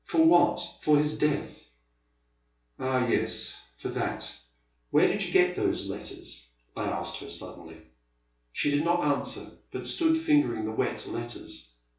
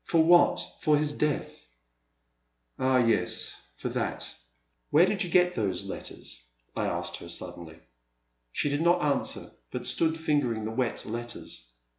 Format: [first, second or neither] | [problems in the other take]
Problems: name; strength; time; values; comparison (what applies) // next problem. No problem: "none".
second | room echo; dies away in 0.2 s